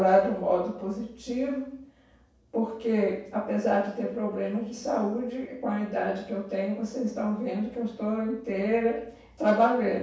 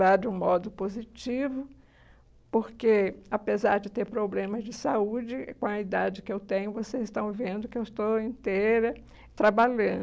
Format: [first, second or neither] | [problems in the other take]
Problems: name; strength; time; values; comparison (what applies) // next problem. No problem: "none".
second | room echo; dies away in 0.7 s